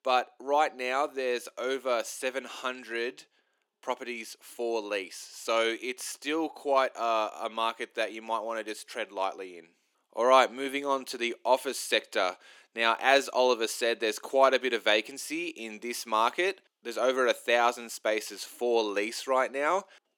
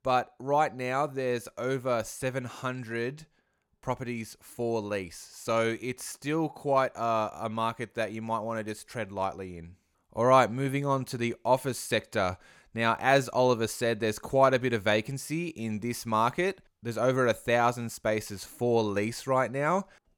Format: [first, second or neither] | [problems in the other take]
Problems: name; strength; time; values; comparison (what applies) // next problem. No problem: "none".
second | thin; somewhat; fading below 300 Hz